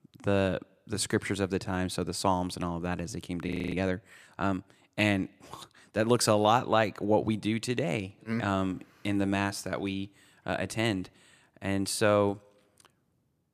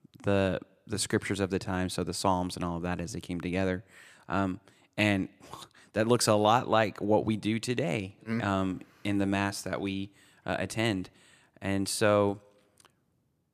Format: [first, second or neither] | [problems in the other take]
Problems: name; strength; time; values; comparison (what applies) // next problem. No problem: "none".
second | audio freezing; at 3.5 s